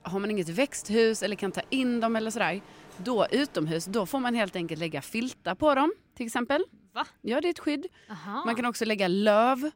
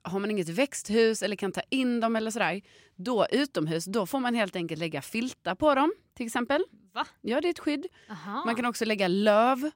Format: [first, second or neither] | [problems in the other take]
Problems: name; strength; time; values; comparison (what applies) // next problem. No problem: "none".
second | wind in the background; faint; throughout; 25 dB below the speech